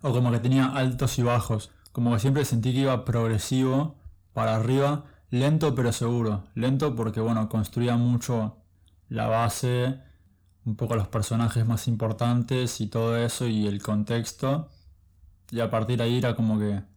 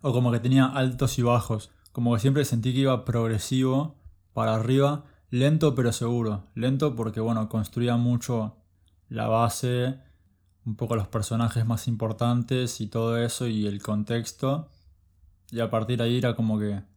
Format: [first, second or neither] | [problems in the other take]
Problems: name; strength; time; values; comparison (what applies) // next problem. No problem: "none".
second | distortion; slight; 10 dB below the speech